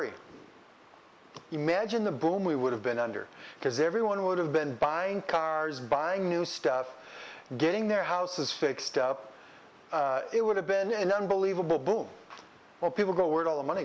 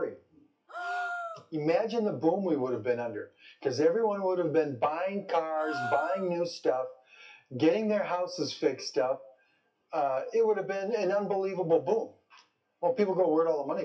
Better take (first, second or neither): first